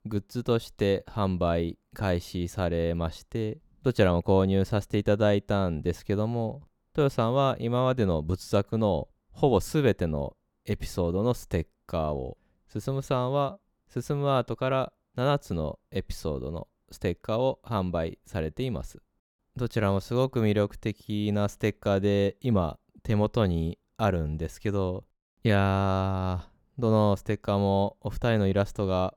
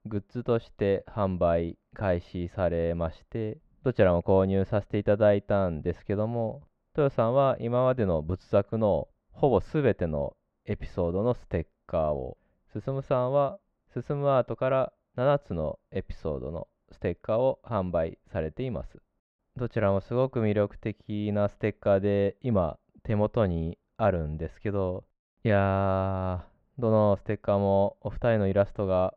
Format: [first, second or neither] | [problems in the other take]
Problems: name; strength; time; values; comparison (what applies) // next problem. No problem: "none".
first | muffled; very; fading above 2 kHz